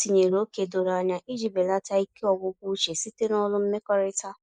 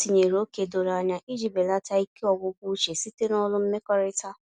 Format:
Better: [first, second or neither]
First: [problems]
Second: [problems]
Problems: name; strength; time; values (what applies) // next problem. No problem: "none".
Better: second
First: noise reduction (neural mask model Resemble Enhance denoiser)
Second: none